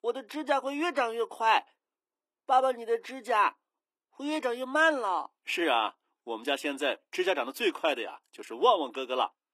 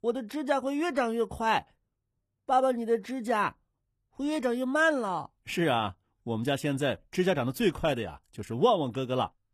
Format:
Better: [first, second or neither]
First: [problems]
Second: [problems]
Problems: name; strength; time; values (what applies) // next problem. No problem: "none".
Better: second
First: thin; somewhat; fading below 300 Hz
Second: none